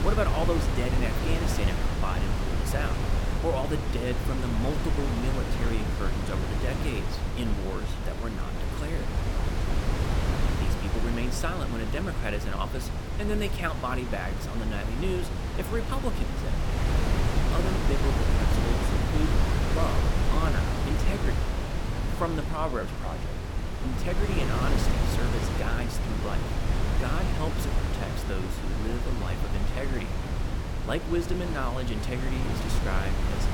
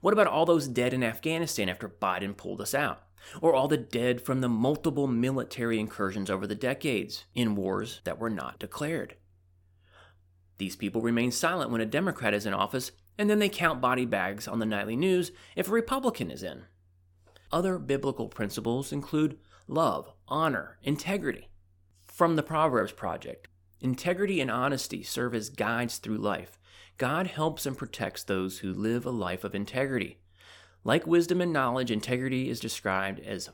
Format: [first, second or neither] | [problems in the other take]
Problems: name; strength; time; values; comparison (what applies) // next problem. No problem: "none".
second | wind noise on the microphone; heavy; as loud as the speech